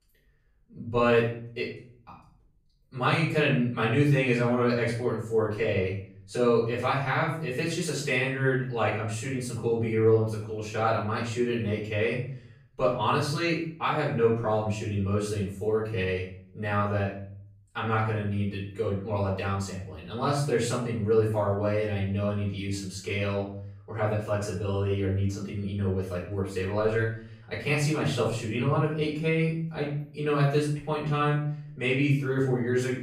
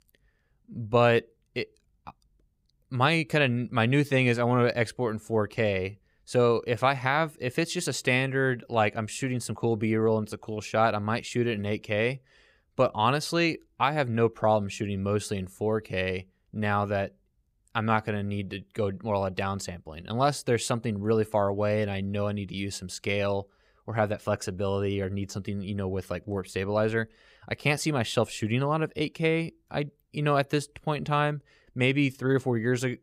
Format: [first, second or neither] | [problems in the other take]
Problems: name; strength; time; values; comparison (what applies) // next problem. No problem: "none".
second | off-mic speech; far // room echo; noticeable; dies away in 0.5 s